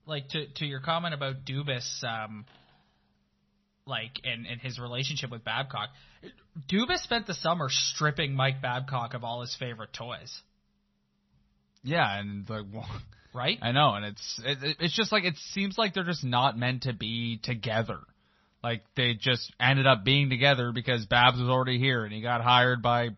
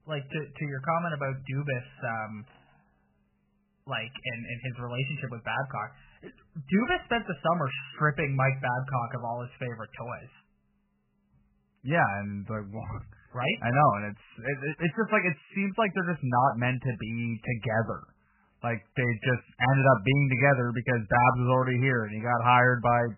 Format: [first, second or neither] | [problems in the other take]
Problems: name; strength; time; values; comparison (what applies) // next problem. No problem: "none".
first | garbled, watery; badly; nothing above 3 kHz; slightly in the first